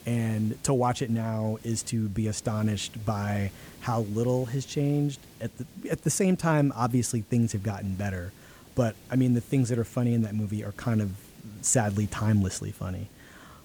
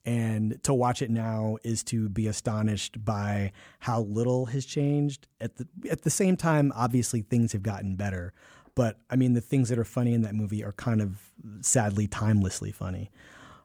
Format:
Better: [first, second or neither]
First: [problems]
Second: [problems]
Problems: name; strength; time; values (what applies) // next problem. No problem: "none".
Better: second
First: hiss; faint; throughout; 20 dB below the speech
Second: none